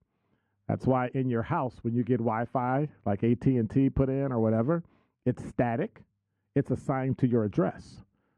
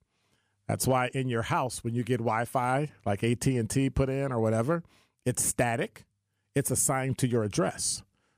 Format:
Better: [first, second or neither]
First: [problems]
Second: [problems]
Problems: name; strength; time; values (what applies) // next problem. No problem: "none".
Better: second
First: muffled; very; fading above 1.5 kHz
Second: none